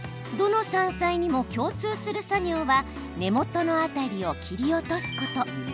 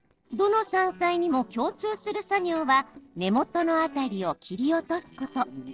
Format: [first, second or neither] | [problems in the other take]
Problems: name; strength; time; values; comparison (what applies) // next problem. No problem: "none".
first | noise reduction (neural separator model SepFormer DNS4)